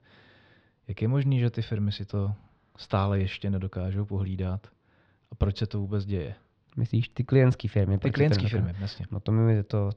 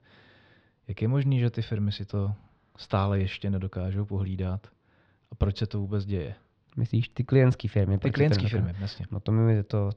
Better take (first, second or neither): neither